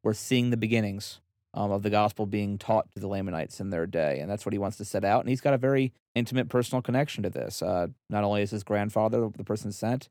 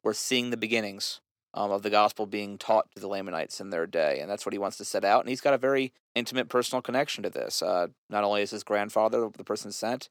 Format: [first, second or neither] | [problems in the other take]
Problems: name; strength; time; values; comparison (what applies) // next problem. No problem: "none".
first | thin; somewhat; fading below 350 Hz